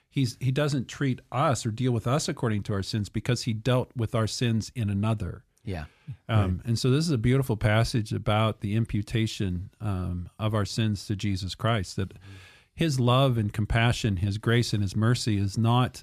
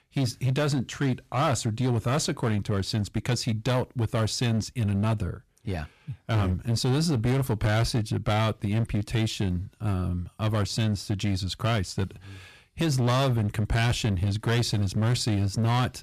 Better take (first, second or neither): first